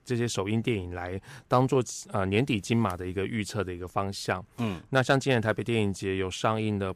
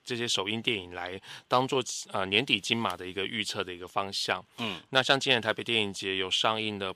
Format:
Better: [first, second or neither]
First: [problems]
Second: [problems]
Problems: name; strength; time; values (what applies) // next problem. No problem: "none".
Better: first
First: none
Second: thin; very slightly; fading below 700 Hz